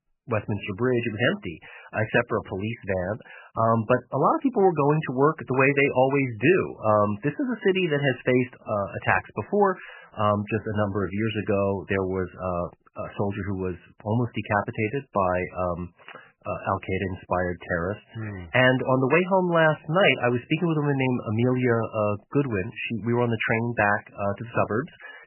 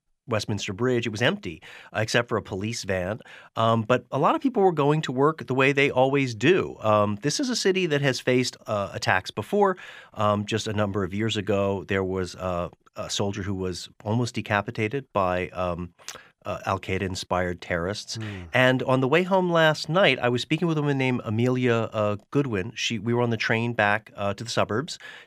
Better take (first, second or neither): second